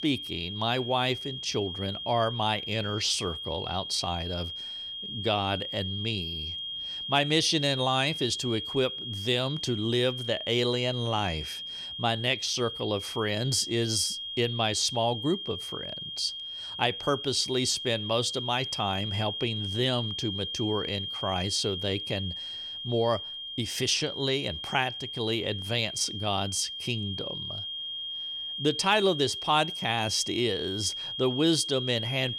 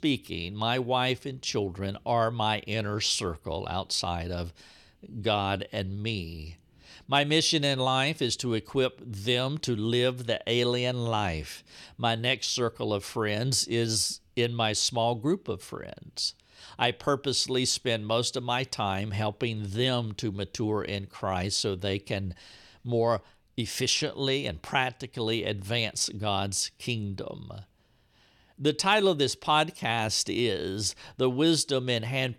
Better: second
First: high-pitched whine; loud; throughout; 3 kHz, 5 dB below the speech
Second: none

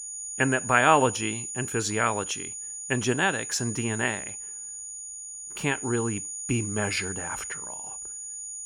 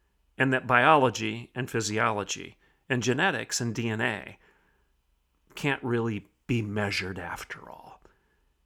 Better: second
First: high-pitched whine; loud; throughout; 7 kHz, 7 dB below the speech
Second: none

